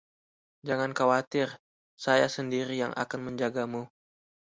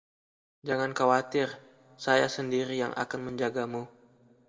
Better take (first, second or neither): first